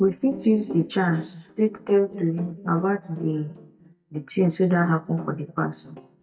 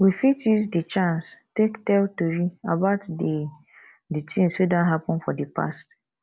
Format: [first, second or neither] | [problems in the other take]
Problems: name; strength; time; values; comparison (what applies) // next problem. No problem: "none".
second | noise reduction (neural mask model DeepFilterNet 3)